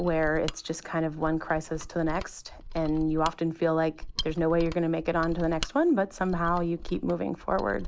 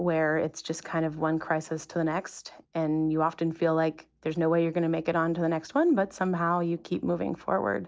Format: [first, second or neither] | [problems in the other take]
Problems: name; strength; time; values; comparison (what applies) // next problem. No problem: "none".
second | background sound (Mechanisms); 10 dB below the speech